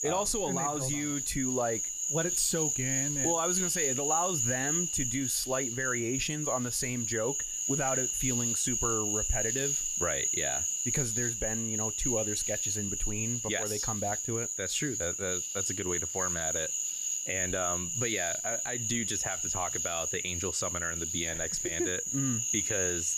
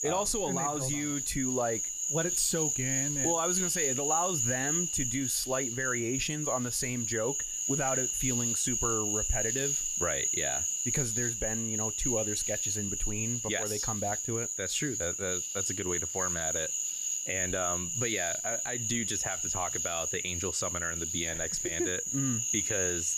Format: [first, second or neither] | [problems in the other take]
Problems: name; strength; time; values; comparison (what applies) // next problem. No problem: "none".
neither | animal sounds; very loud; throughout; 4 dB above the speech; the same in both